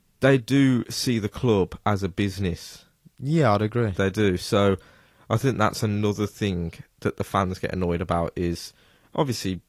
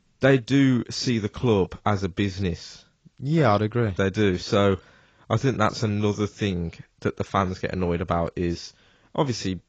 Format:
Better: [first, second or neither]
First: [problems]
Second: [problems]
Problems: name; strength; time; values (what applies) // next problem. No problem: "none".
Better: first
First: garbled, watery; slightly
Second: garbled, watery; badly; nothing above 7.5 kHz